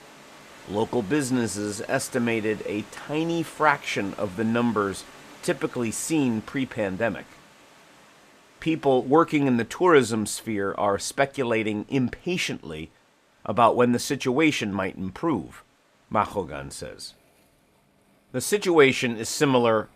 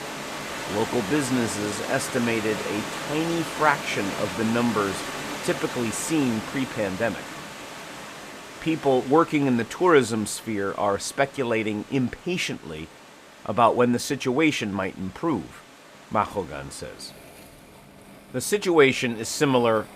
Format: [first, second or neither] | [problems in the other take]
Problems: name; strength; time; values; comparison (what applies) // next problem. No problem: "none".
first | rain or running water; loud; throughout; 9 dB below the speech; faint in the first